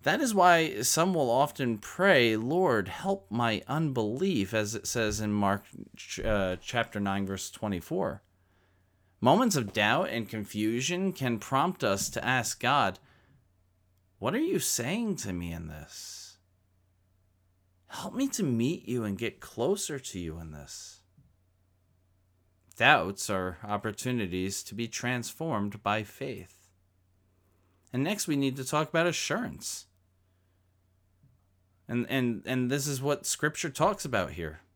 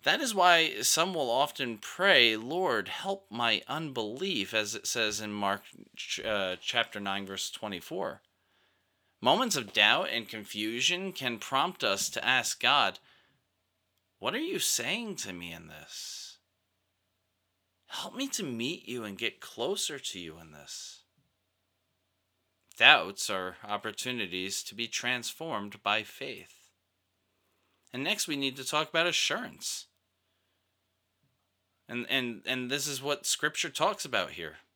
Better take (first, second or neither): first